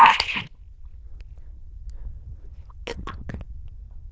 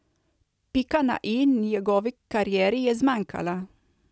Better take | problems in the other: second | noise reduction (neural diffusion model UNIVERSE++)

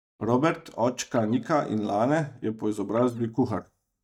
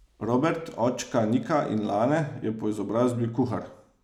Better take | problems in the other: second | noise reduction (neural mask model DeepFilterNet 3)

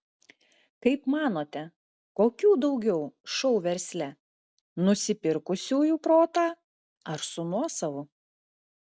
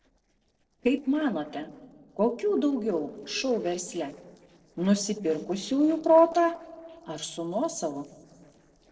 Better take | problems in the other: first | noise reduction (neural separator model SepFormer DNS4)

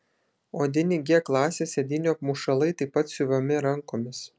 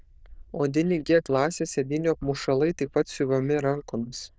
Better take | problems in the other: first | noise reduction (neural diffusion model UNIVERSE++)

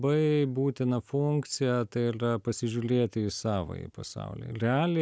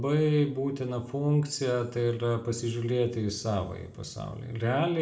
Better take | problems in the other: first | room echo; dies away in 0.5 s

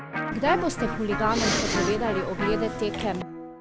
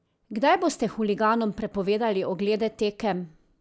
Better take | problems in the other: second | background sound (Respiratory sounds + Electric guitar); 1 dB below the speech

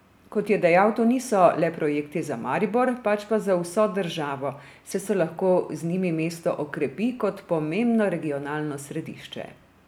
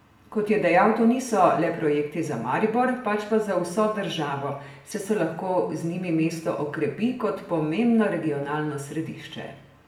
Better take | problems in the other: first | room echo; dies away in 0.7 s

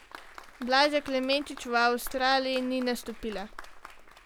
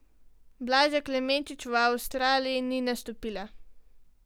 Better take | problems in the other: second | background sound (Applause); 19 dB below the speech

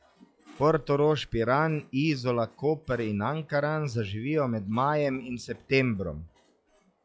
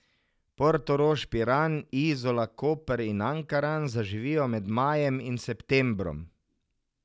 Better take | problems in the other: second | noise reduction (classical method log-MMSE)

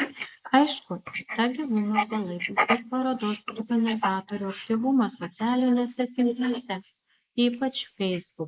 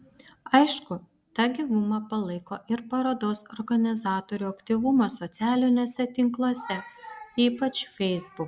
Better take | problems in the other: second | noise reduction (neural mask model Resemble Enhance denoiser)

